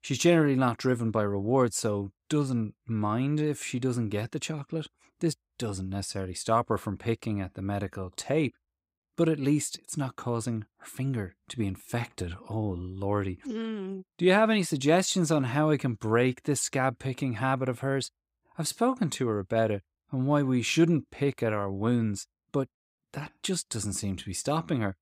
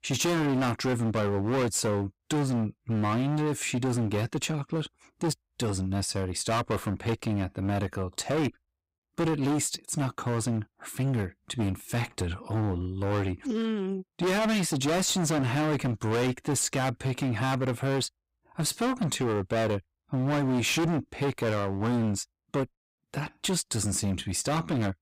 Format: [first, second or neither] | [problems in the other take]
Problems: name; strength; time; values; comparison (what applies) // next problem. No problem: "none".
first | distortion; heavy; 21% of the sound clipped